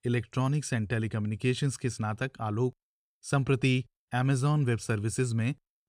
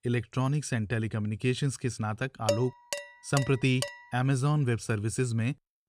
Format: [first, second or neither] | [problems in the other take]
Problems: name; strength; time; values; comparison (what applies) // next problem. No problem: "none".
first | clattering dishes; noticeable; from 2.5 to 4 s; peak 2 dB below the speech